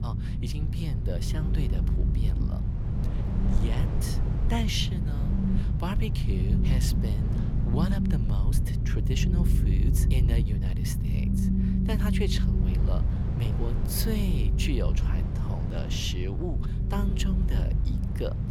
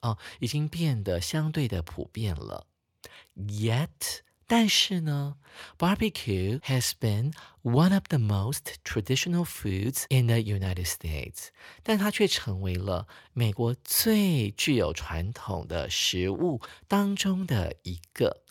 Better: second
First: low rumble; loud; throughout; 2 dB below the speech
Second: none

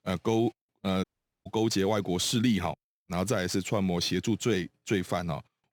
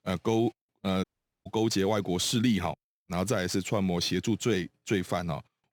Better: neither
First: audio cutting out; at 1 s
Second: audio cutting out; at 1 s

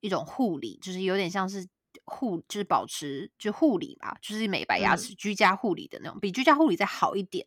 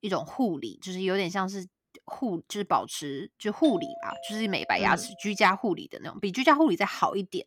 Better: first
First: none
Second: doorbell; noticeable; from 3.5 to 5 s; peak 9 dB below the speech

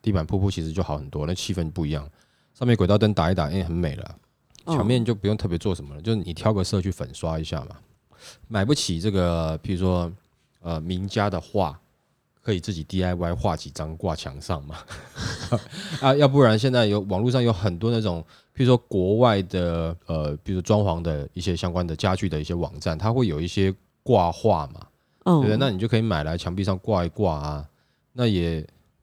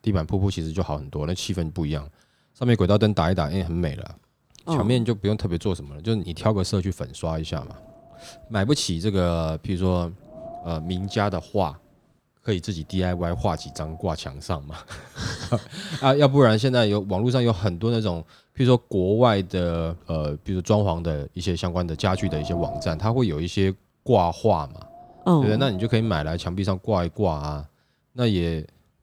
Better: first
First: none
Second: wind noise on the microphone; occasional gusts; from 4.5 to 14 s and from 19 to 27 s; 15 dB below the speech

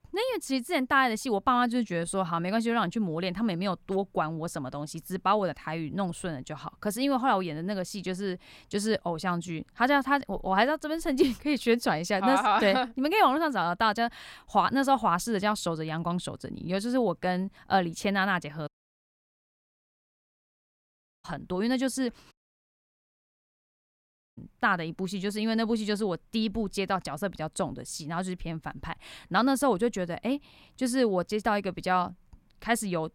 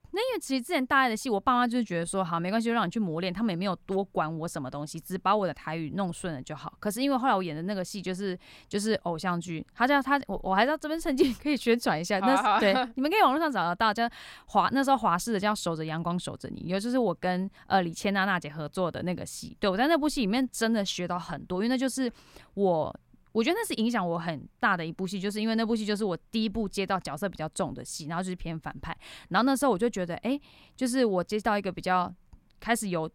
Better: second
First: audio cutting out; at 19 s for 2.5 s and at 22 s for 2 s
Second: none

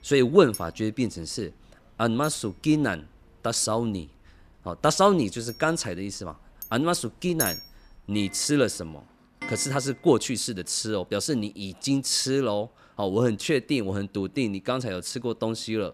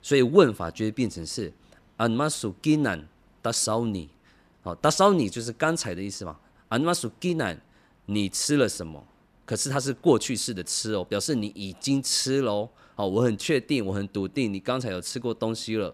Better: second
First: household noises; noticeable; throughout; 10 dB below the speech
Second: none

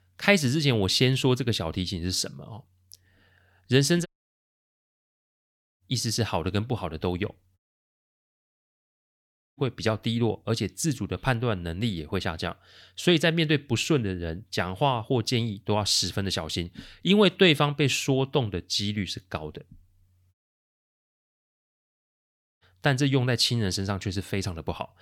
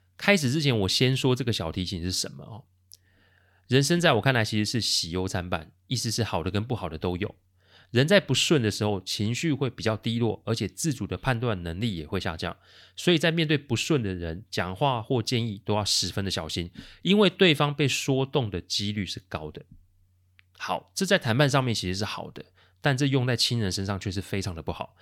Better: second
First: audio cutting out; at 4 s for 1.5 s, at 7.5 s for 2 s and at 20 s for 2.5 s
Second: none

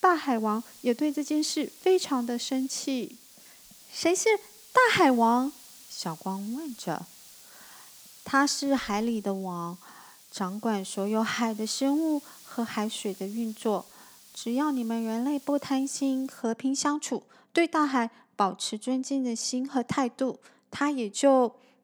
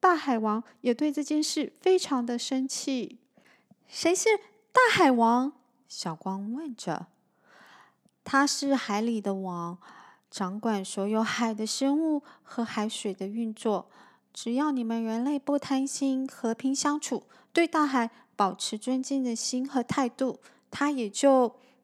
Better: second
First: hiss; faint; until 16 s; 20 dB below the speech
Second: none

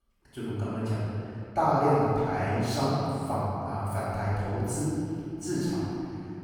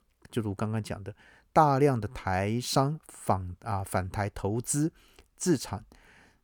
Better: second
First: off-mic speech; far // room echo; strong; dies away in 2.5 s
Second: none

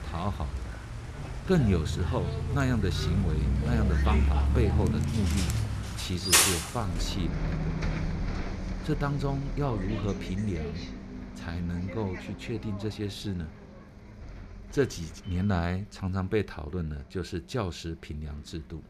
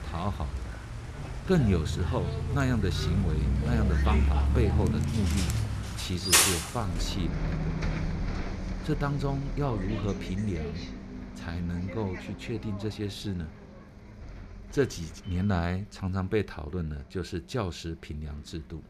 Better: neither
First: traffic noise; very loud; throughout; 2 dB above the speech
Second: traffic noise; very loud; throughout; 2 dB above the speech

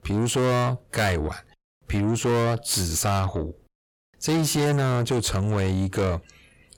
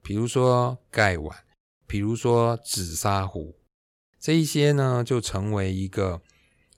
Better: second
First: distortion; heavy; 6 dB below the speech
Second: none

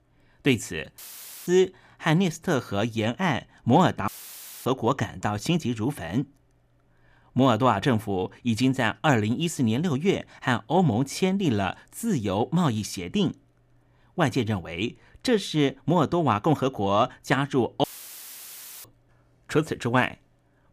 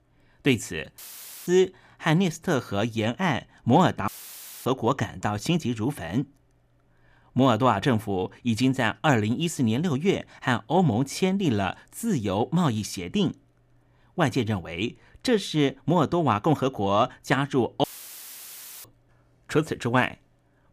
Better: neither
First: audio cutting out; filled with static; at 1 s, at 4 s for 0.5 s and at 18 s for 1 s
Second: audio cutting out; filled with static; at 1 s, at 4 s for 0.5 s and at 18 s for 1 s

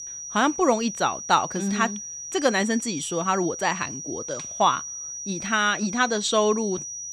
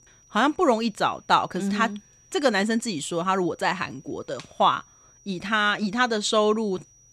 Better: second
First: high-pitched whine; loud; throughout; 6 kHz, 8 dB below the speech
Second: high-pitched whine; faint; throughout; 6 kHz, 30 dB below the speech

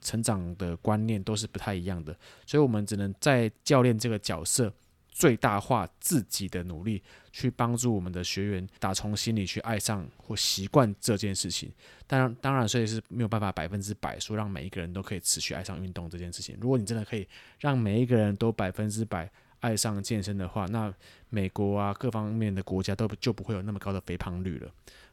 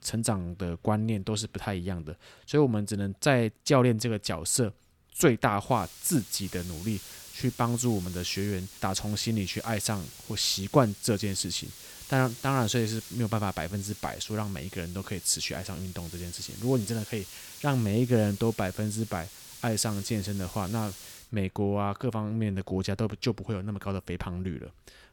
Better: first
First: none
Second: hiss; noticeable; from 5.5 to 21 s; 15 dB below the speech

